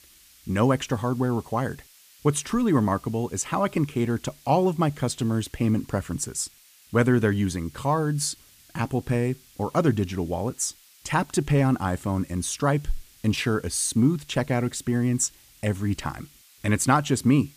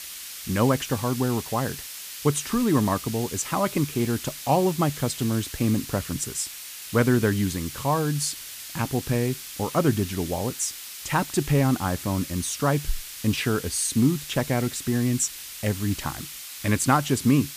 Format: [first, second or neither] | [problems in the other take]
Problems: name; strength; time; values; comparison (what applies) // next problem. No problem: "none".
first | hiss; loud; throughout; 10 dB below the speech; faint in the first